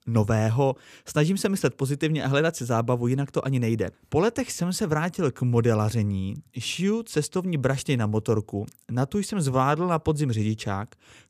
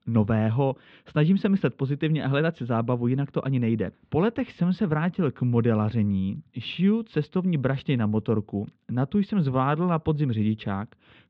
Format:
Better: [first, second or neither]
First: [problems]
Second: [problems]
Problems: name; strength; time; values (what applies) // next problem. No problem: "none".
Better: first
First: none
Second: muffled; very; fading above 3.5 kHz